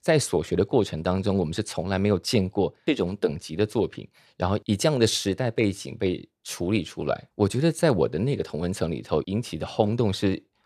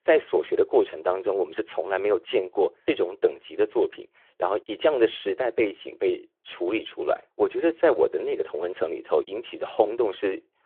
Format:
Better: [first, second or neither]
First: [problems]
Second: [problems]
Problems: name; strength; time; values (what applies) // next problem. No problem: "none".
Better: first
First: none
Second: phone-call audio